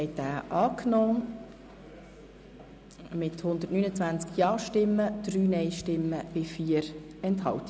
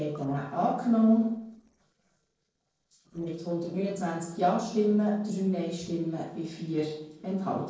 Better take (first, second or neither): first